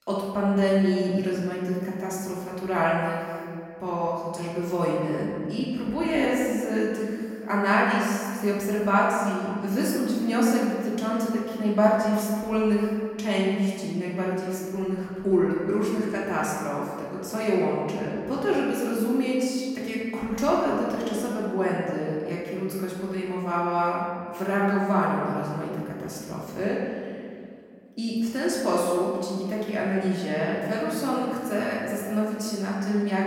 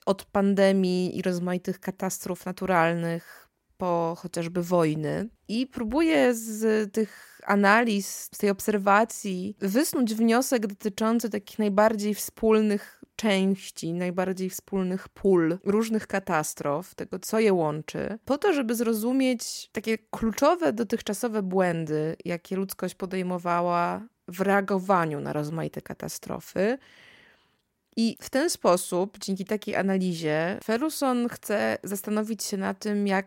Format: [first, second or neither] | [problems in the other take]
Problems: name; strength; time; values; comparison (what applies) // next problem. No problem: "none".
second | room echo; noticeable; dies away in 2 s // off-mic speech; far